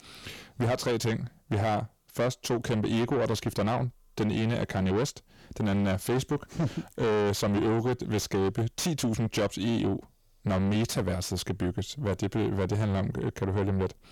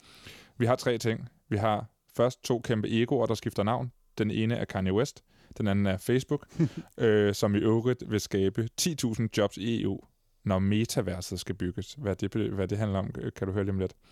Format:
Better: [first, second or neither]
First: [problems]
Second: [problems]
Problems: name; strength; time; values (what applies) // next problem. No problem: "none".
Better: second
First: distortion; heavy; 6 dB below the speech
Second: none